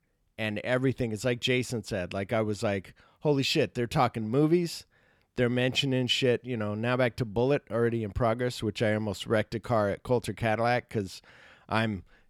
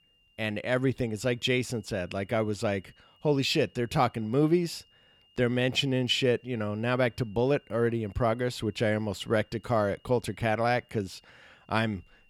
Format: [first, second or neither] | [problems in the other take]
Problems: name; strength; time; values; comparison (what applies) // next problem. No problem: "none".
first | high-pitched whine; faint; throughout; 3 kHz, 35 dB below the speech